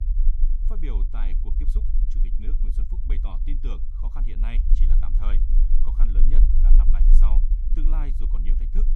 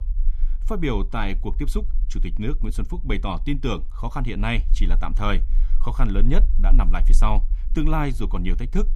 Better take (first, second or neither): second